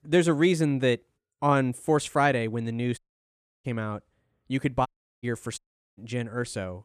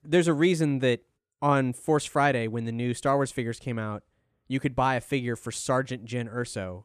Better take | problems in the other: second | audio cutting out; at 3 s for 0.5 s, at 5 s and at 5.5 s

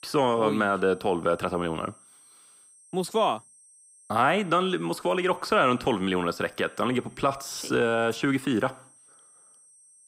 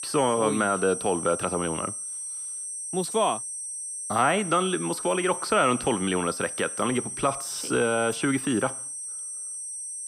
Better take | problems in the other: first | high-pitched whine; loud; throughout; 8.5 kHz, 6 dB below the speech; faint in the first

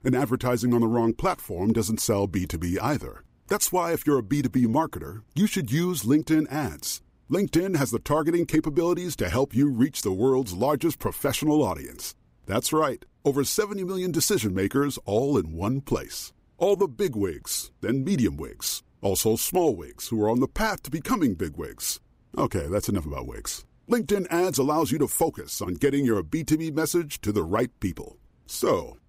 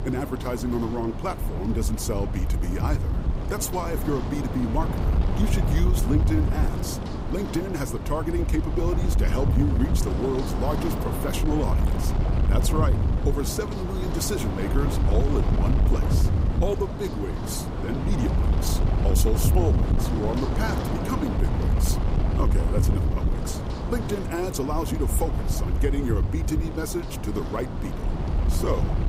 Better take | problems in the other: first | wind noise on the microphone; heavy; 3 dB below the speech

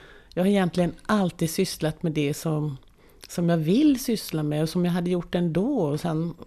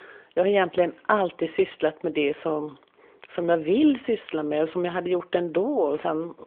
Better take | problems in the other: first | phone-call audio

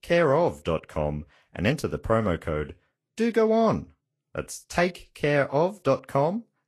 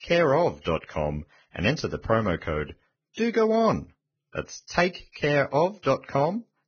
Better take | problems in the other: first | garbled, watery; badly; nothing above 6.5 kHz; slightly in the first

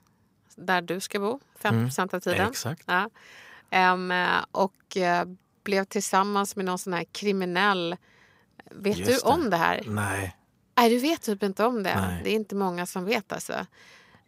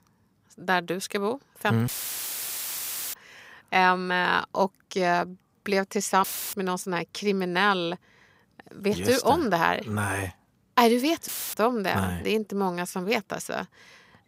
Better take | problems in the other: first | audio cutting out; filled with static; at 2 s for 1.5 s, at 6 s and at 11 s

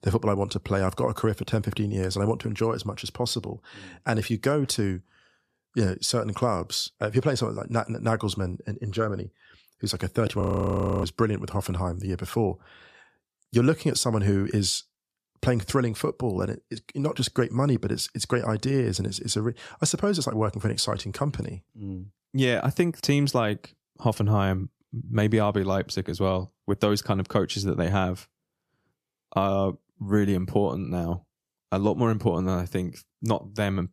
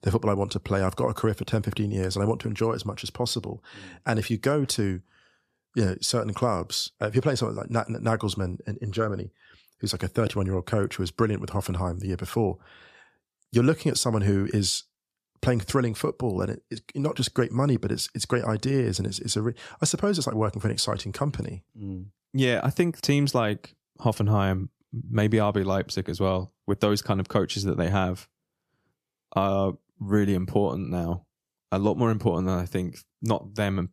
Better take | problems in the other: second | audio freezing; at 10 s for 0.5 s

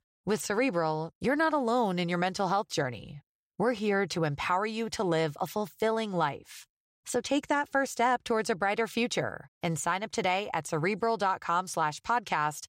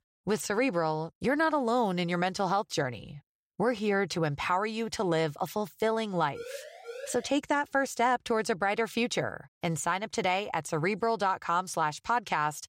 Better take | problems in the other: first | siren; faint; at 6.5 s; peak 15 dB below the speech

